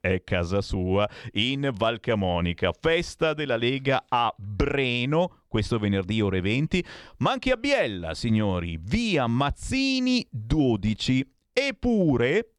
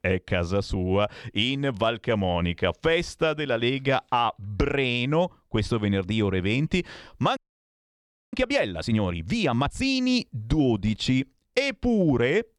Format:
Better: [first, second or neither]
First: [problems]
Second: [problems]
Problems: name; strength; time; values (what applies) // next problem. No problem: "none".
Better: first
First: none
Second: audio freezing; at 7.5 s for 1 s